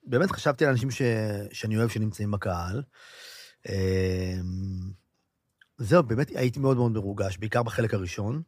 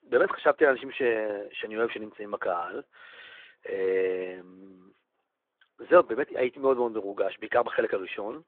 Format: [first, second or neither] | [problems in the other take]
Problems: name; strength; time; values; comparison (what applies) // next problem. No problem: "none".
first | phone-call audio